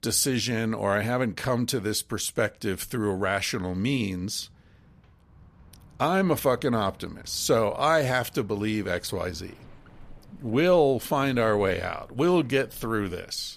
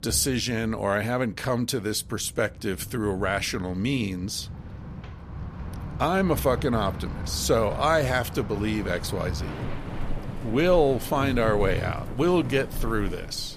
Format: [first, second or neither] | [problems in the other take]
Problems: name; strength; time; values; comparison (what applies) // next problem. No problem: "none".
first | rain or running water; loud; throughout; 10 dB below the speech; faint in the first